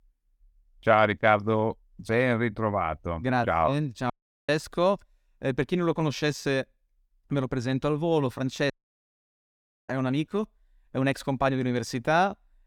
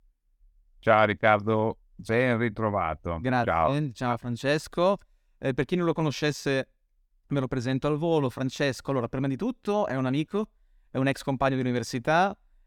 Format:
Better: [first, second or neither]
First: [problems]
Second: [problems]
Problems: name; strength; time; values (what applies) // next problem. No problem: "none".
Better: second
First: audio cutting out; at 4 s and at 8.5 s for 1 s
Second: none